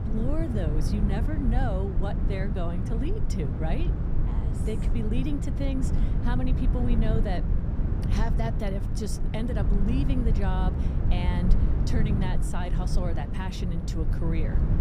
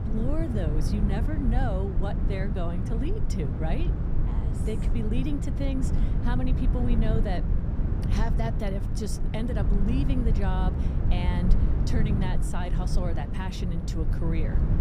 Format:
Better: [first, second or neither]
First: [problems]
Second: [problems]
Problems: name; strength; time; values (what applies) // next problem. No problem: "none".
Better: neither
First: low rumble; loud; throughout; 3 dB below the speech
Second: low rumble; loud; throughout; 3 dB below the speech